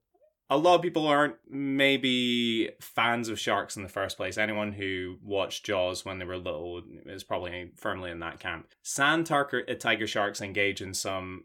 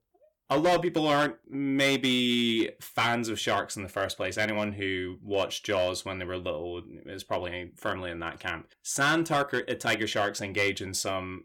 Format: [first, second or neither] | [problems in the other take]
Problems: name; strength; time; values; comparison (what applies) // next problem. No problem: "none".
first | distortion; slight; 3% of the sound clipped